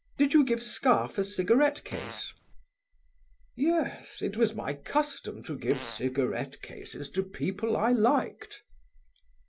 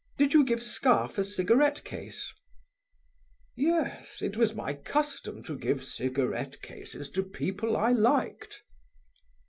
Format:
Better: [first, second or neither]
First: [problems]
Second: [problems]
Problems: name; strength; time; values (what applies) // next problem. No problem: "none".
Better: second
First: background sound (Fart); 15 dB below the speech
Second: none